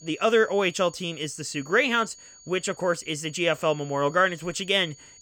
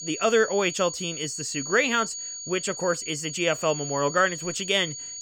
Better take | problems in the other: first | high-pitched whine; loud; throughout; 6.5 kHz, 8 dB below the speech; faint in the first

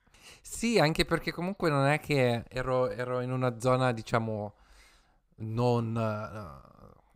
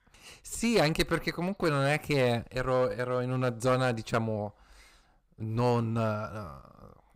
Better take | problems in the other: first | distortion; slight; 3% of the sound clipped

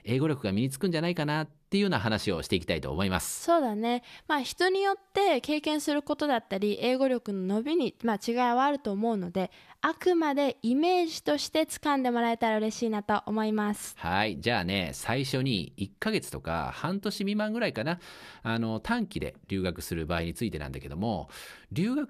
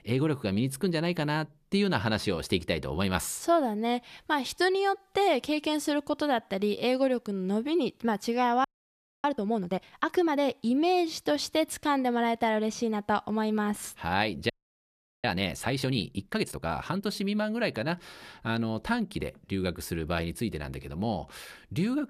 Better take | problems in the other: first | audio freezing; at 8.5 s for 0.5 s and at 15 s for 0.5 s

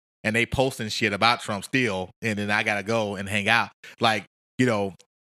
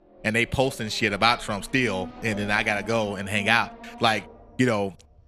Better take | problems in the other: first | traffic noise; noticeable; throughout; 15 dB below the speech

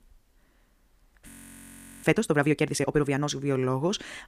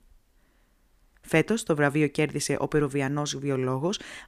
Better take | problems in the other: second | audio freezing; at 1.5 s for 0.5 s

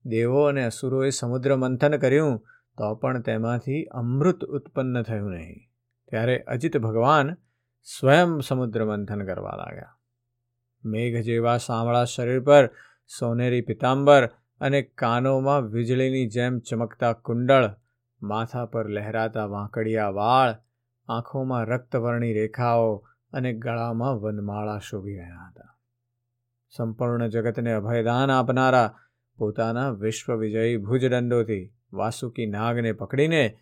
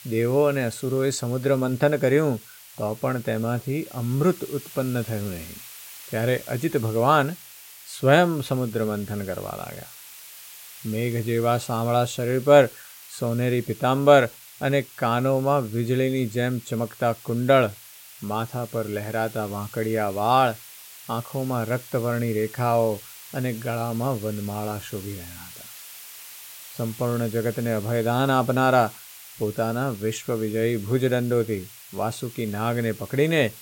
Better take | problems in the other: first | hiss; noticeable; throughout; 15 dB below the speech

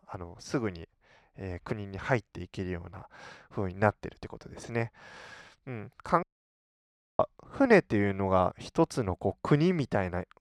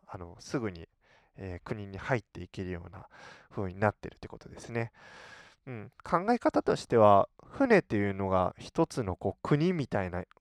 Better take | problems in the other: second | audio cutting out; at 6 s for 1 s

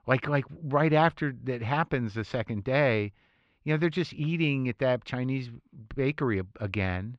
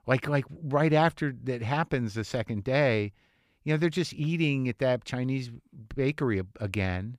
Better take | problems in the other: second | muffled; very slightly; fading above 3.5 kHz

